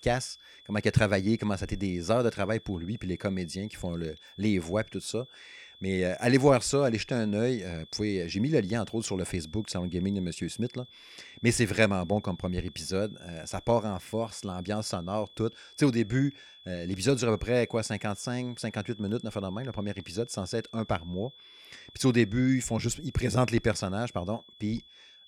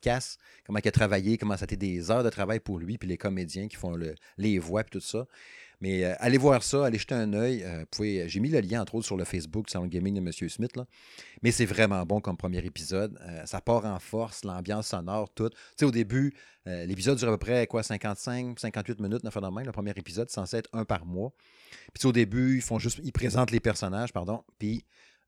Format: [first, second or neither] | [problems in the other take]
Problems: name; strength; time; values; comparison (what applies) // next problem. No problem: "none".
second | high-pitched whine; faint; throughout; 3.5 kHz, 20 dB below the speech